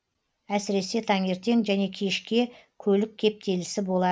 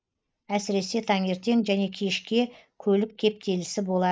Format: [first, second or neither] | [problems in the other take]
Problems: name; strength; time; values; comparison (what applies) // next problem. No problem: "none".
first | noise reduction (neural mask model Resemble Enhance denoiser)